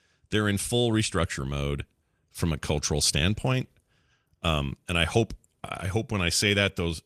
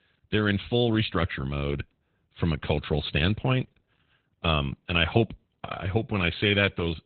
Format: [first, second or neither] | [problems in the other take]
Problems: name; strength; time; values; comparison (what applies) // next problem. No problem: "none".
first | garbled, watery; badly; nothing above 3.5 kHz; slightly in the first